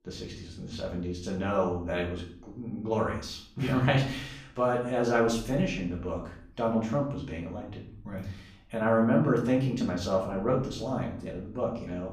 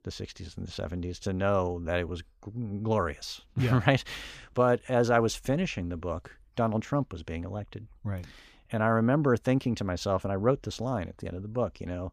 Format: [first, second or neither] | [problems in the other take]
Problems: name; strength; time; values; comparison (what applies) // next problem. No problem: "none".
second | room echo; slight; dies away in 0.5 s // off-mic speech; far